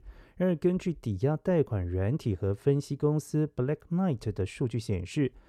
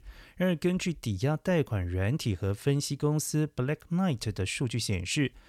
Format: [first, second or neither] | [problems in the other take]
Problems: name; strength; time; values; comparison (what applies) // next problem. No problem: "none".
second | muffled; slightly; fading above 1.5 kHz